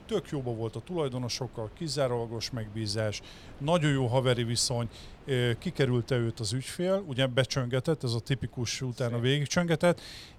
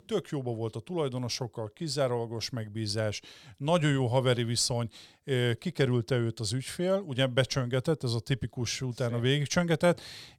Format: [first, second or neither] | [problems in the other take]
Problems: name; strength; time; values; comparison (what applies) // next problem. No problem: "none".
second | wind noise on the microphone; occasional gusts; 25 dB below the speech